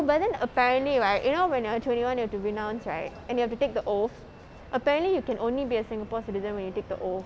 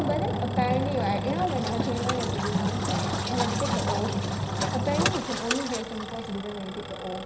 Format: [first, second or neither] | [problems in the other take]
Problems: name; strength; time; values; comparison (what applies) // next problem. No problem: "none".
first | background sound (Engine); 2 dB above the speech // room echo; dies away in 0.8 s